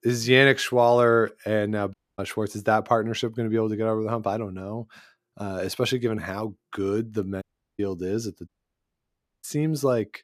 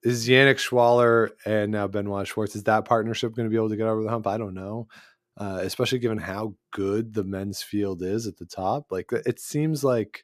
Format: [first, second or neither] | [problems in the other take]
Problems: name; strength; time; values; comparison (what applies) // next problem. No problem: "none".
second | audio cutting out; at 2 s, at 7.5 s and at 8.5 s for 1 s